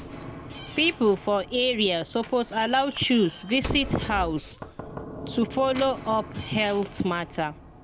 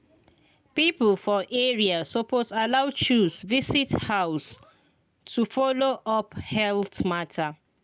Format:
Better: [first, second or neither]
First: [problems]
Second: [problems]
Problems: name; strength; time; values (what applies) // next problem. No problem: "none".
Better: second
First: background sound (Knock / Slam); 13 dB below the speech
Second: none